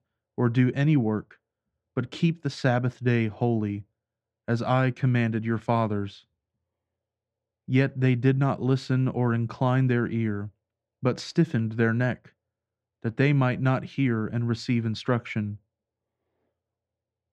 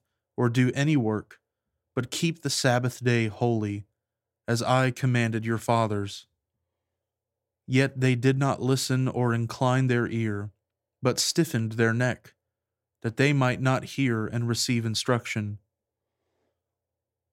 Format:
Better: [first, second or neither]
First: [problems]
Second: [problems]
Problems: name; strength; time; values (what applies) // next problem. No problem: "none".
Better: second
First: muffled; slightly; fading above 3 kHz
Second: none